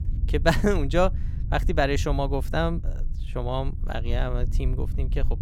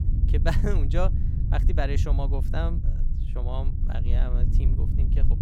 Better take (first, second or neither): first